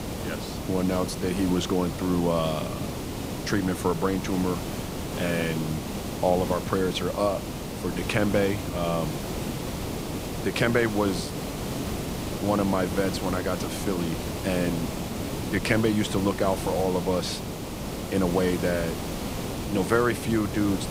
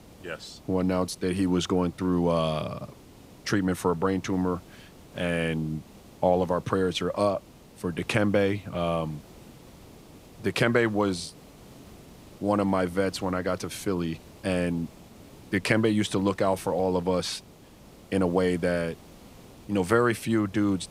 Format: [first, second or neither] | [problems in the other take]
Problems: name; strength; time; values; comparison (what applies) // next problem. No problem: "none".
second | hiss; loud; throughout; 5 dB below the speech; faint in the second